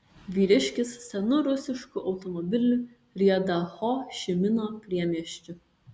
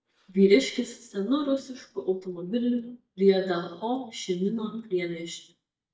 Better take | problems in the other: first | noise reduction (neural mask model DeepFilterNet 3)

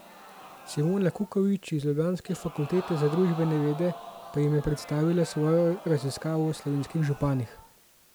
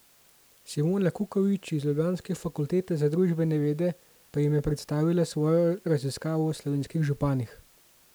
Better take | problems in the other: second | background sound (Crowd); 17 dB below the speech

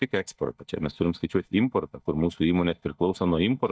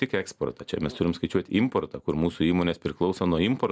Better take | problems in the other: second | noise reduction (neural mask model DeepFilterNet 3)

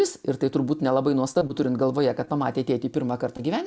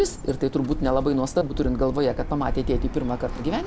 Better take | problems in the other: first | background sound (Bird); 6 dB below the speech

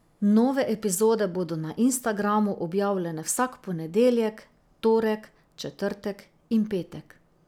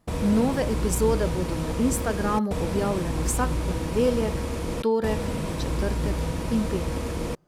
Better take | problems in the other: first | background sound (Bus); as loud as the speech

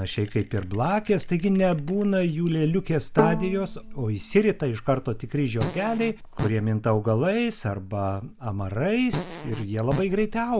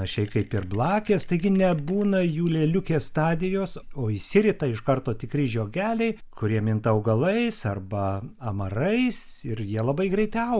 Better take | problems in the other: second | background sound (Fart + Bowed string instrument); 7 dB below the speech

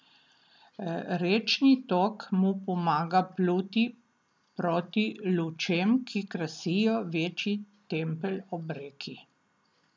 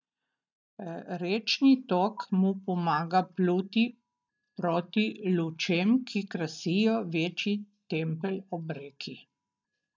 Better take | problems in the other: first | noise reduction (neural mask model DeepFilterNet 3)

